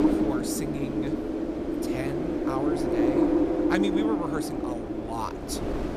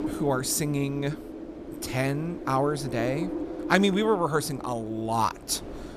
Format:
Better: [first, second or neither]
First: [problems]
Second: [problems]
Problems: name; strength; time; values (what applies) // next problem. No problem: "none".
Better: second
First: wind noise on the microphone; heavy; 5 dB above the speech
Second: wind noise on the microphone; occasional gusts; 10 dB below the speech